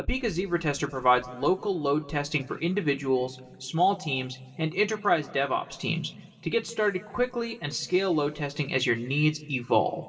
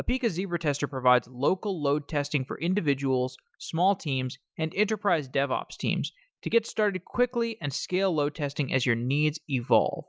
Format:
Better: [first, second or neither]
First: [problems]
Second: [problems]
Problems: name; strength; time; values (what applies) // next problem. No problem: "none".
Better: second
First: room echo; dies away in 2.9 s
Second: none